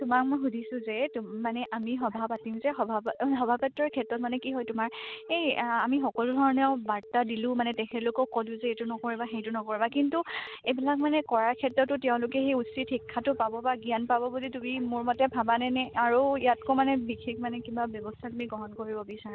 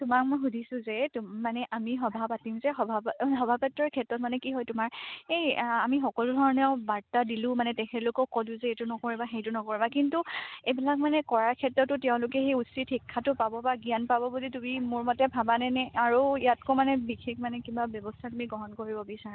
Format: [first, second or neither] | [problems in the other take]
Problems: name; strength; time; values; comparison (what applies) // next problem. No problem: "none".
second | background sound (Telephone); 18 dB below the speech